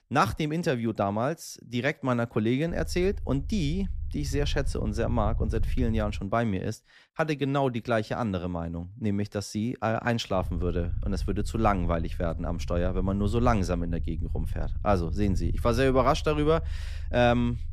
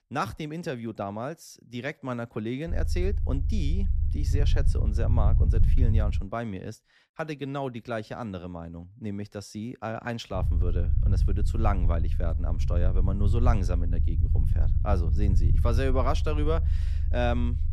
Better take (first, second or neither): first